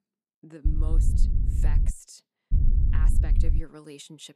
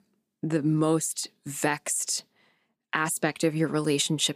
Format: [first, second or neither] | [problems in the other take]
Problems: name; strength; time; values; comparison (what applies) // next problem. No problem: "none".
second | low rumble; loud; from 0.5 to 2 s and from 2.5 to 3.5 s; as loud as the speech